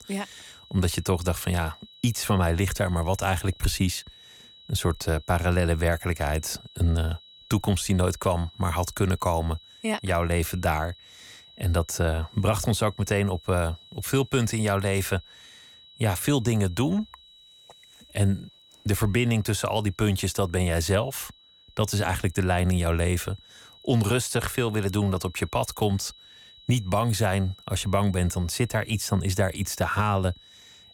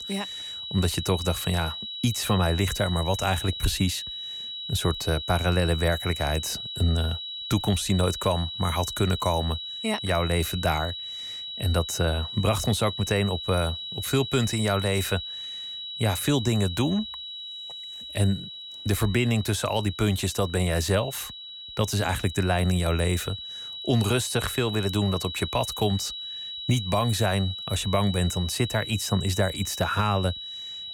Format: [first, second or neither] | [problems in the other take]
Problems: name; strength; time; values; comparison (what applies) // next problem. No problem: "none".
first | high-pitched whine; loud; throughout; 4 kHz, 7 dB below the speech; faint in the first